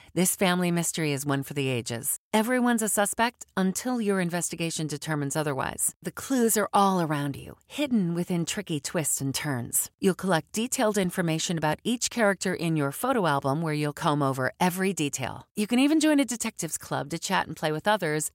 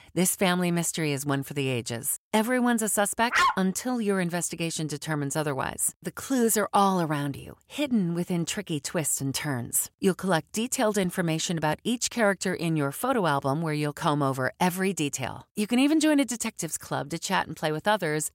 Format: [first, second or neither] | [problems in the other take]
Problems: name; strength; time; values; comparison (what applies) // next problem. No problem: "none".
first | dog barking; loud; at 3.5 s; peak 3 dB above the speech